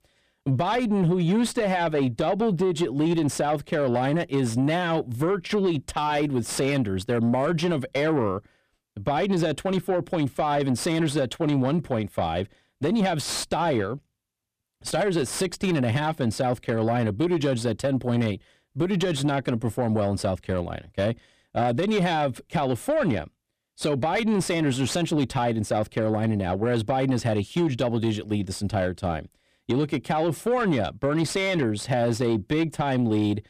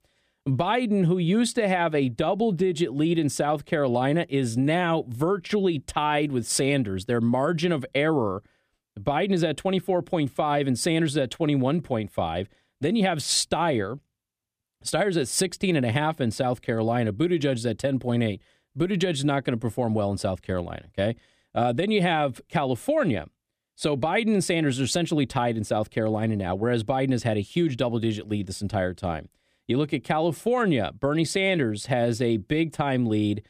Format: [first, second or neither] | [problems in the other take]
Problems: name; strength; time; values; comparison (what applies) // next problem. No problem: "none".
second | distortion; slight; 10 dB below the speech